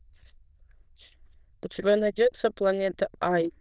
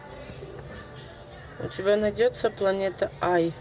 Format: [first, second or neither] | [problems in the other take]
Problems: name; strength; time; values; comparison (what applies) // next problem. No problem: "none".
second | noise reduction (neural diffusion model UNIVERSE++)